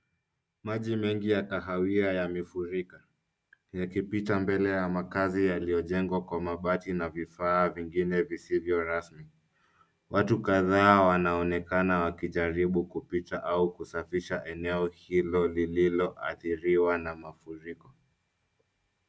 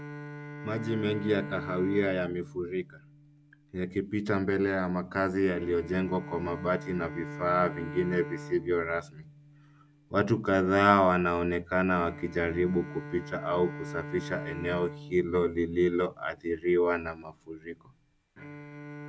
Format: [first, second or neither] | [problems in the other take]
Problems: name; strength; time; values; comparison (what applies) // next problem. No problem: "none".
first | background sound (Bowed string instrument); 14 dB below the speech